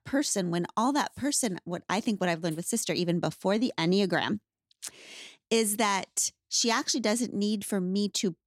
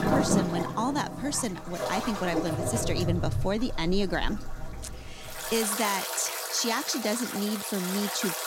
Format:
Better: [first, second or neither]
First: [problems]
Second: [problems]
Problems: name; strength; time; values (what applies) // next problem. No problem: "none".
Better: first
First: none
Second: rain or running water; loud; throughout; 3 dB below the speech